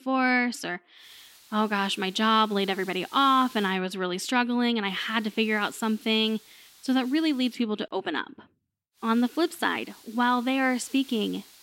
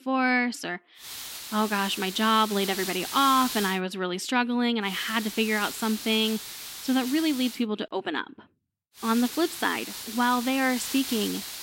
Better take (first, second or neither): first